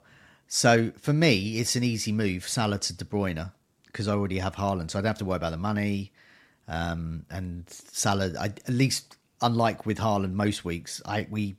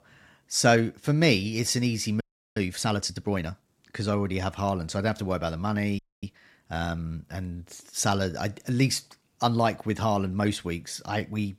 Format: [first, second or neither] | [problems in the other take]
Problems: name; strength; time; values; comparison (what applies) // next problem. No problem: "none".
first | audio freezing; at 2 s and at 6 s